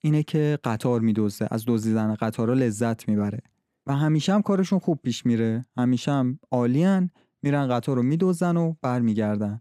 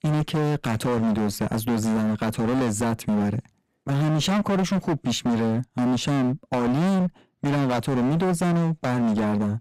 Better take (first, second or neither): first